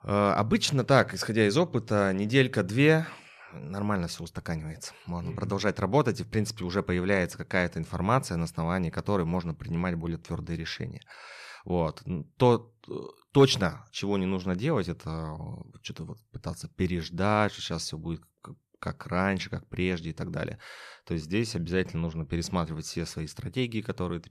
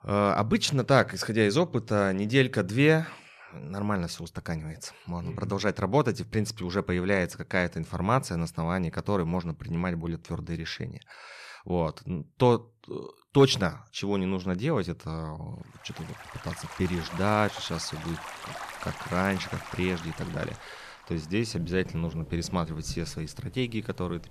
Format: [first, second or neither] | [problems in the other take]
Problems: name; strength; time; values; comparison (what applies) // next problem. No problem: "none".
first | rain or running water; noticeable; from 16 s on; 15 dB below the speech